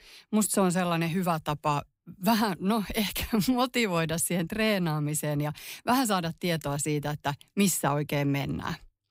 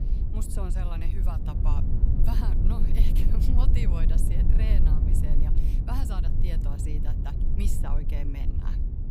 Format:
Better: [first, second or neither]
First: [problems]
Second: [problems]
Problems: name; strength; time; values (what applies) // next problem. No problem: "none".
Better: first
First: none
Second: low rumble; loud; throughout; 1 dB below the speech